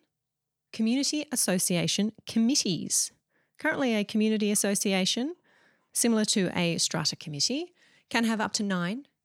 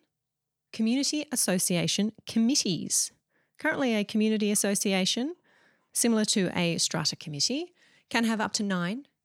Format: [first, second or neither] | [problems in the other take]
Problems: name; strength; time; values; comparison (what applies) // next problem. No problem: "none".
neither | none